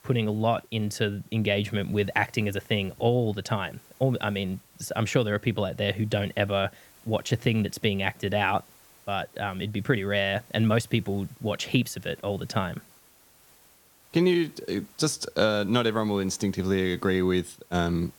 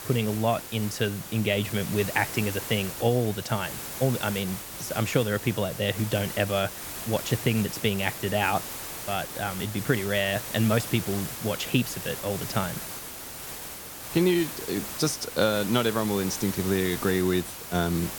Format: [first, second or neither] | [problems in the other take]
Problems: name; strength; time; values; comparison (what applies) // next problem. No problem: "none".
first | hiss; loud; throughout; 8 dB below the speech; faint in the first